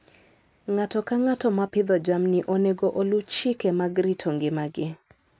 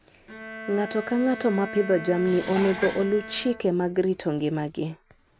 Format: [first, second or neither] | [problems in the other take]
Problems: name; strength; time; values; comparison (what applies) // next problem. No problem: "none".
first | background sound (Bowed string instrument + Dishes, pots, and pans); 12 dB below the speech